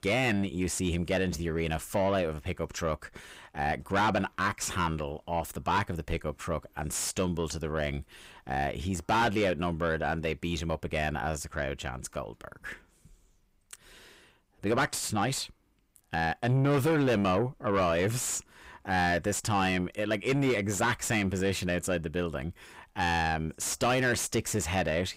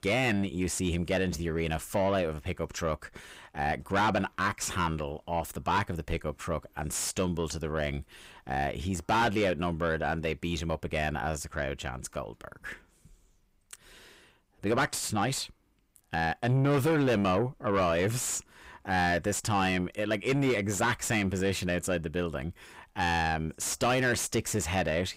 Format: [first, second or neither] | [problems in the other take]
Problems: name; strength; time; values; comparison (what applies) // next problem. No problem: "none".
neither | distortion; heavy; 6 dB below the speech; the same in both